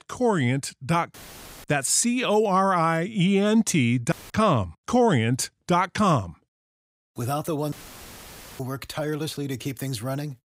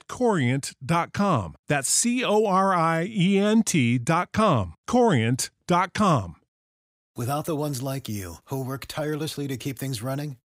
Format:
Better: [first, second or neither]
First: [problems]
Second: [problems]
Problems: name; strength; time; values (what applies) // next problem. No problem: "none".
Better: second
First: audio cutting out; filled with static; at 1 s for 0.5 s, at 4 s and at 7.5 s for 1 s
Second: none